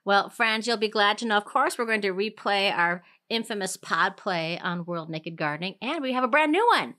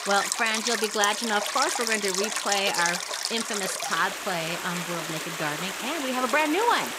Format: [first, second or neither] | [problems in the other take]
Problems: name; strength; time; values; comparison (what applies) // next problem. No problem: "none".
first | rain or running water; loud; throughout; 1 dB below the speech